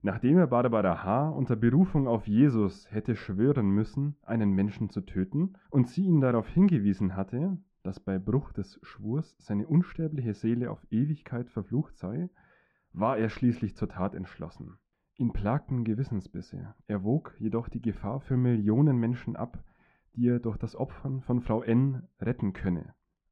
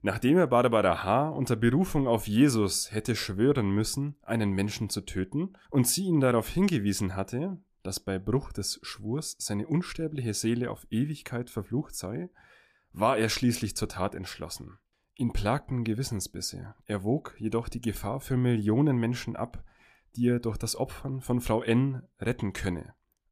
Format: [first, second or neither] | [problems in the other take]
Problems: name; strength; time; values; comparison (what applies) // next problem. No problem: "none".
second | muffled; very; fading above 1.5 kHz